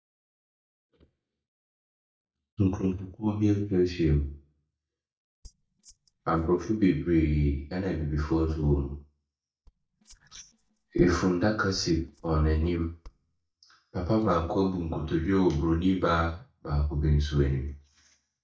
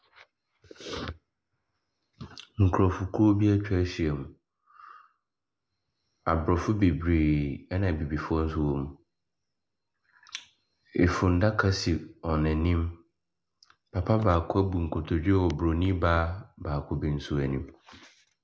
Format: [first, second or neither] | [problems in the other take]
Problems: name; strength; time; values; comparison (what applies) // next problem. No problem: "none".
second | noise reduction (neural mask model DeepFilterNet 3)